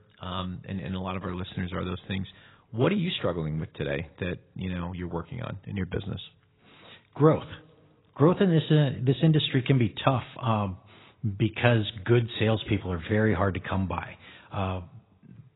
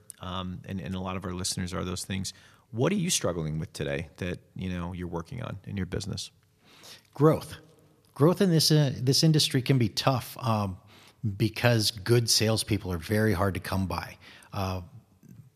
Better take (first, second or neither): second